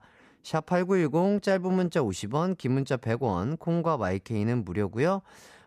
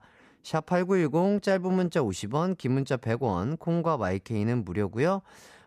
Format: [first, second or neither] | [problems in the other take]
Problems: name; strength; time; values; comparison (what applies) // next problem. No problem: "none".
neither | none